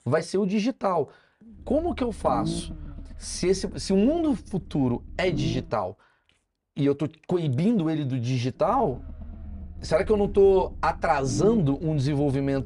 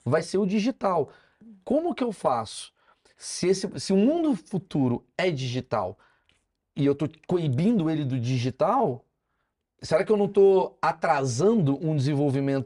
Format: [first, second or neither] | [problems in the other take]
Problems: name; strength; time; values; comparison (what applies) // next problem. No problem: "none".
second | low rumble; noticeable; from 1.5 to 5.5 s and from 8.5 s on; 15 dB below the speech